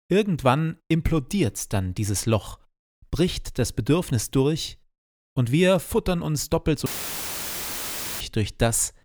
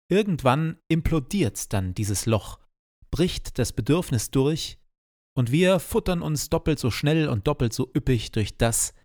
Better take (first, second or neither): second